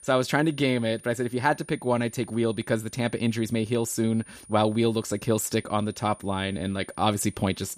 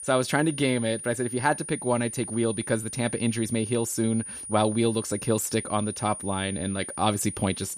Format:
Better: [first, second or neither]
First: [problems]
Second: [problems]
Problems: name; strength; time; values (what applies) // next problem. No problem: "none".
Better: first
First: high-pitched whine; faint; throughout; 9.5 kHz, 20 dB below the speech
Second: high-pitched whine; loud; throughout; 9.5 kHz, 9 dB below the speech